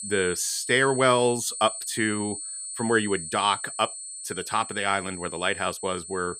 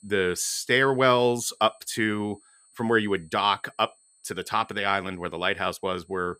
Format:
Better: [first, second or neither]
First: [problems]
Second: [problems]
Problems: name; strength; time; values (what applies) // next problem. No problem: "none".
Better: second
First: high-pitched whine; loud; throughout; 8.5 kHz, 8 dB below the speech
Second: high-pitched whine; faint; throughout; 8.5 kHz, 30 dB below the speech